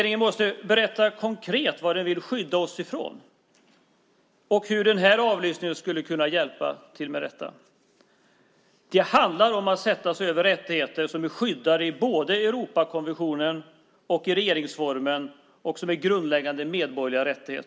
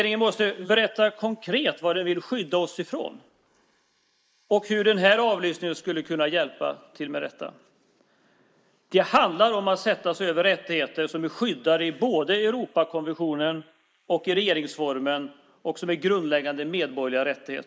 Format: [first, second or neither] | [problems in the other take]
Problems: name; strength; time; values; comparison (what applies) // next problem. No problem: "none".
first | noise reduction (neural mask model Resemble Enhance denoiser)